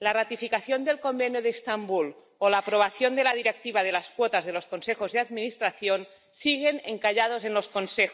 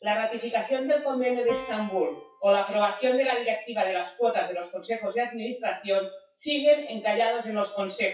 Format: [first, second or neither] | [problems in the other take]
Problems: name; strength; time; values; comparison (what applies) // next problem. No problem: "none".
first | noise reduction (classical method WPE with log-MMSE)